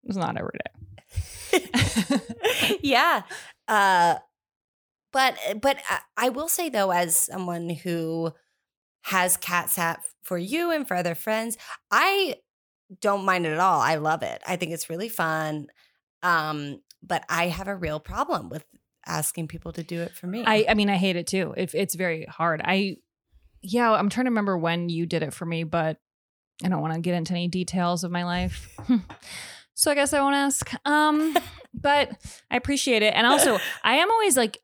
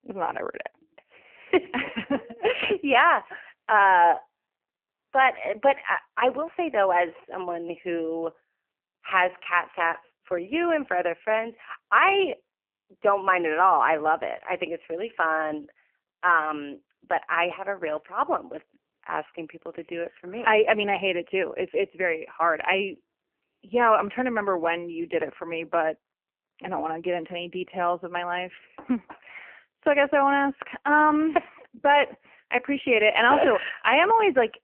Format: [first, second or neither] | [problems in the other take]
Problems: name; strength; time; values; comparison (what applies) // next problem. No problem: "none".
first | phone-call audio; poor line; nothing above 3 kHz